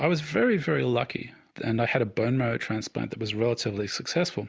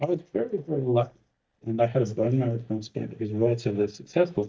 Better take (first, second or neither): first